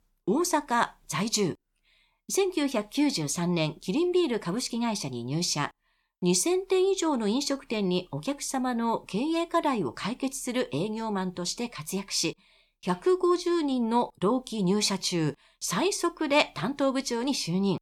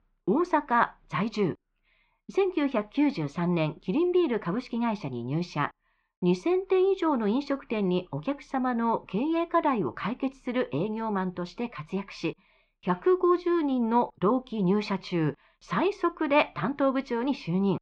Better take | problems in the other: first | muffled; very; fading above 2.5 kHz

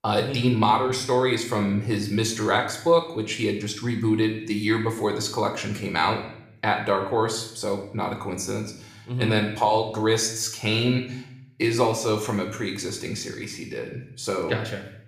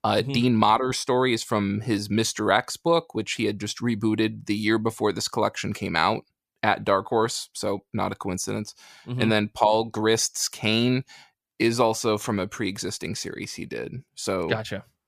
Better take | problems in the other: second | room echo; slight; dies away in 0.6 s // off-mic speech; somewhat distant

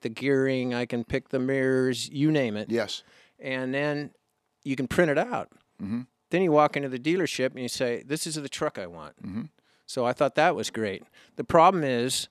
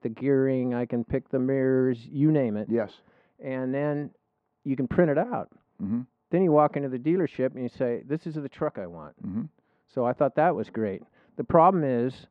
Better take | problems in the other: first | muffled; very; fading above 1 kHz

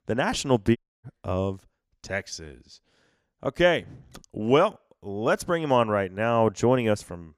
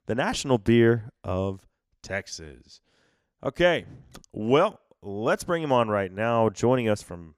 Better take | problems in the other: second | audio cutting out; at 1 s

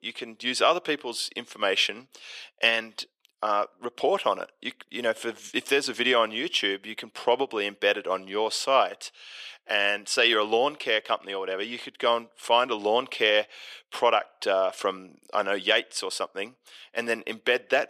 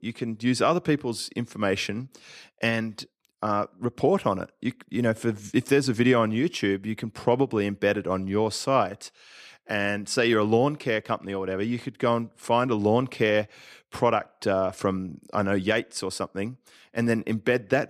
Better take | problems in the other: second | thin; somewhat; fading below 550 Hz

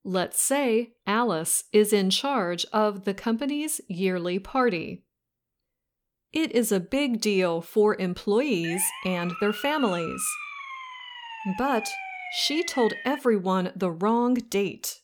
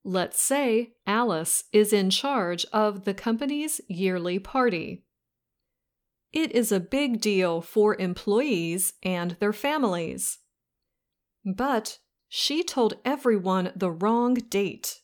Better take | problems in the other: second | siren; noticeable; from 8.5 to 13 s; peak 9 dB below the speech

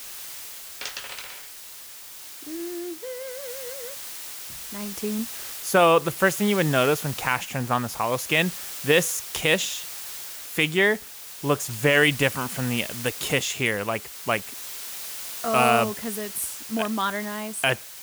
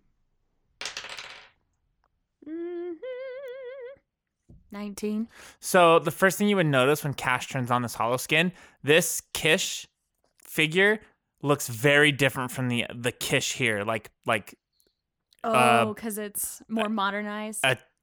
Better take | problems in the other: second | hiss; noticeable; throughout; 10 dB below the speech

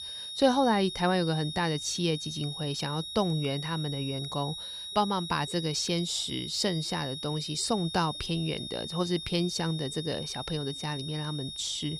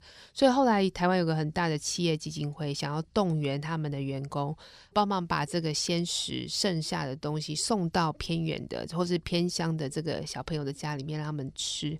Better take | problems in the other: second | high-pitched whine; loud; throughout; 4 kHz, 7 dB below the speech

